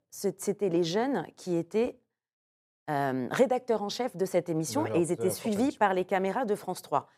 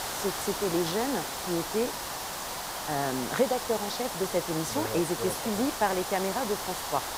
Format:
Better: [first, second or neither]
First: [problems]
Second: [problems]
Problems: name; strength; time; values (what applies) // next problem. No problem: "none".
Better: first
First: none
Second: hiss; loud; throughout; 3 dB below the speech